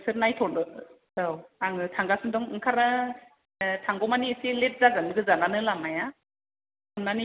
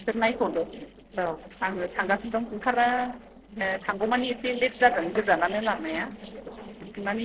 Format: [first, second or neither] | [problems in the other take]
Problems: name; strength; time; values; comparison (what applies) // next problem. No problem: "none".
first | noise reduction (neural separator model SepFormer DNS4)